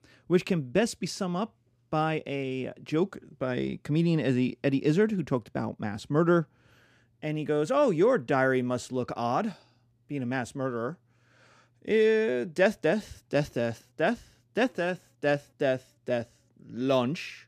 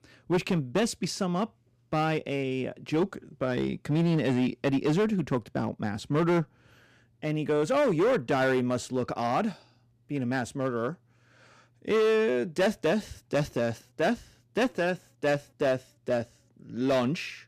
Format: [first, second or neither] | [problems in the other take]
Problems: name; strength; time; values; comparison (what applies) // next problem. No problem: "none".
first | distortion; slight; 7% of the sound clipped